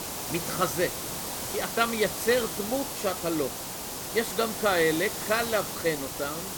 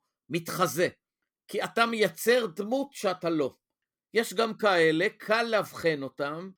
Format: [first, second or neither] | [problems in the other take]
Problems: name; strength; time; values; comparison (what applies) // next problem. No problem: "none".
second | hiss; loud; throughout; 4 dB below the speech